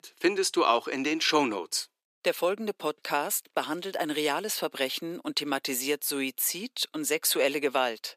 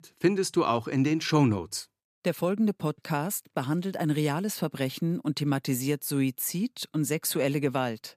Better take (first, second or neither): second